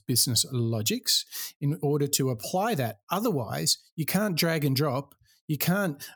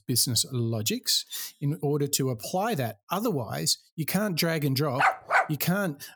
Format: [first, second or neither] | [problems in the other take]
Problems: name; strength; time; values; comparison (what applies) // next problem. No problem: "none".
first | clattering dishes; faint; at 1.5 s; peak 15 dB below the speech // dog barking; loud; at 5 s; peak 5 dB above the speech